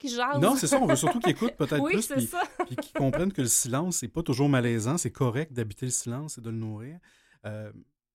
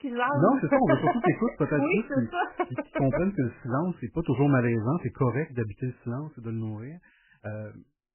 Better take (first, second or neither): first